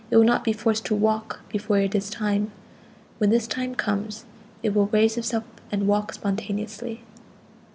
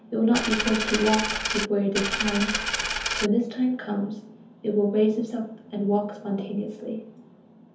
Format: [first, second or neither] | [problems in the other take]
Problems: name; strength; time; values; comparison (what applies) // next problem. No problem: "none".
first | background sound (Coin (dropping)); 1 dB below the speech // room echo; dies away in 0.5 s